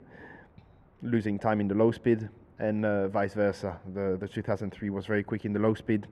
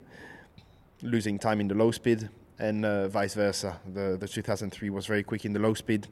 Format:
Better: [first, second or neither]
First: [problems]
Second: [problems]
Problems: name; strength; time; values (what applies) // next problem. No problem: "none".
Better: second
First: muffled; very; fading above 3.5 kHz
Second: none